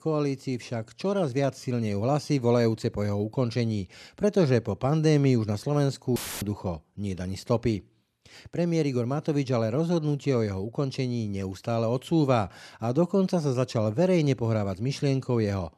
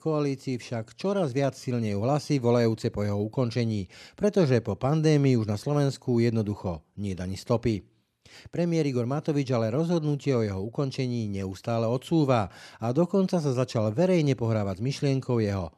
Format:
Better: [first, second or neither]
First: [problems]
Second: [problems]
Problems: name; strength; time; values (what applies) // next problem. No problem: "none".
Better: second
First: audio cutting out; filled with static; at 6 s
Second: none